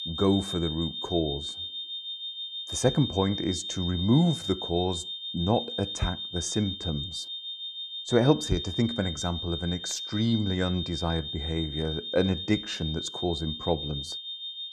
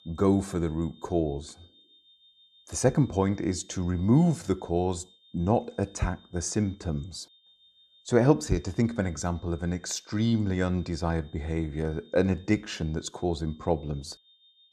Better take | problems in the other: second | high-pitched whine; loud; throughout; 3.5 kHz, 5 dB below the speech; faint in the second

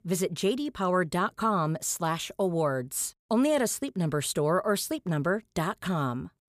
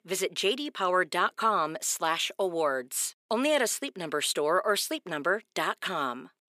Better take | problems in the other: first | thin; somewhat; fading below 300 Hz

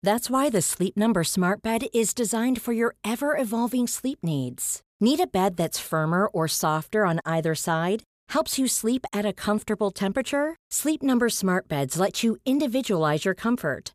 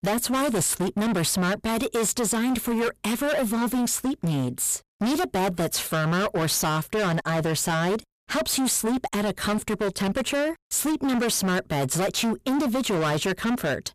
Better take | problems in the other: first | distortion; heavy; 32% of the sound clipped

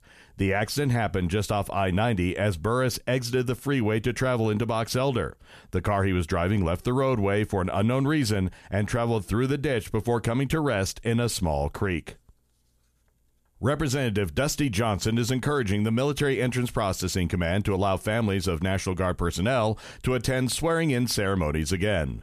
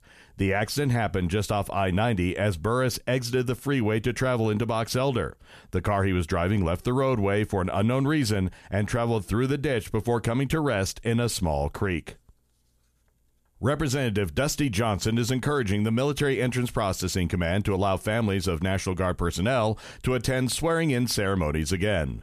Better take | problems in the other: neither | none

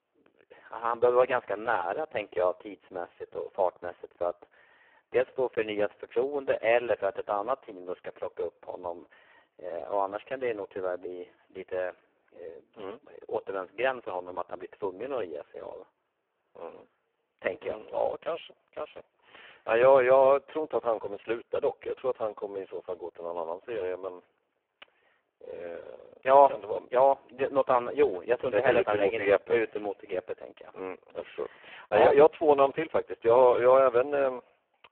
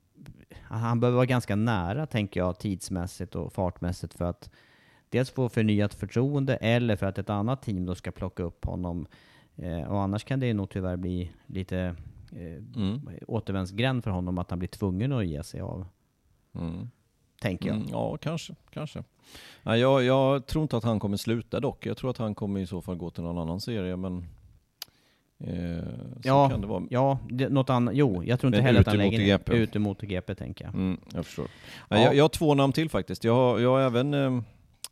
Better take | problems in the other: second | phone-call audio; poor line

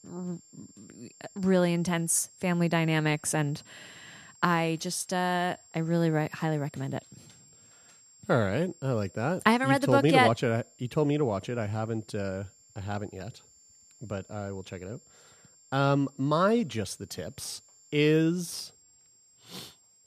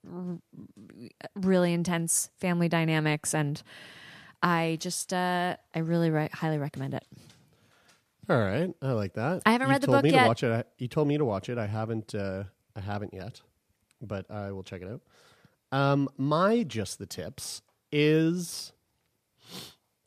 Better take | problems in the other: second | high-pitched whine; faint; throughout; 7.5 kHz, 25 dB below the speech

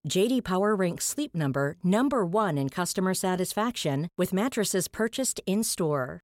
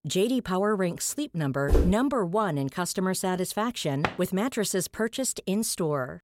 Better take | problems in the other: first | footsteps; loud; at 1.5 s; peak 1 dB above the speech // door banging; noticeable; at 4 s; peak 5 dB below the speech

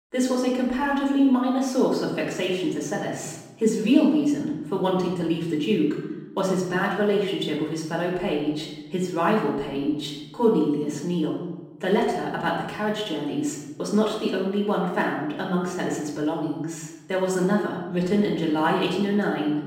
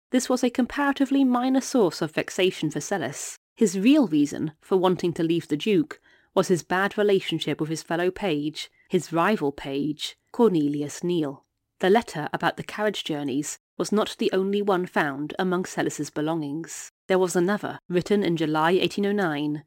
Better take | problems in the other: second | off-mic speech; far // room echo; noticeable; dies away in 1 s

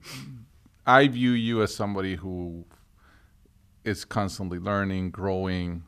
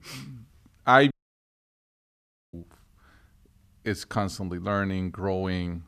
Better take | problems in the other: first | audio cutting out; at 1 s for 1.5 s

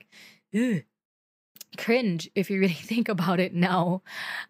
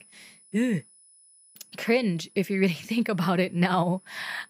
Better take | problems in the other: first | high-pitched whine; faint; throughout; 10 kHz, 30 dB below the speech

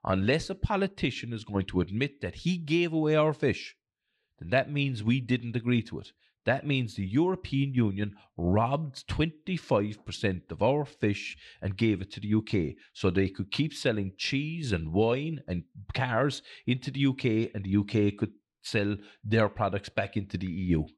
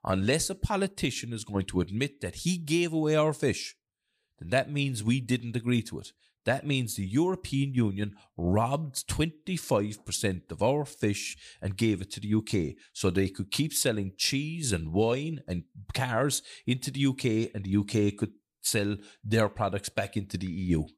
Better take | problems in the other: second | muffled; slightly; fading above 3 kHz

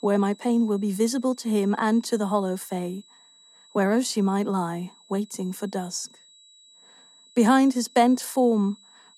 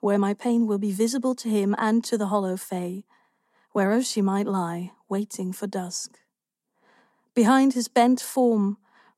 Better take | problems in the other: second | high-pitched whine; faint; throughout; 4 kHz, 25 dB below the speech

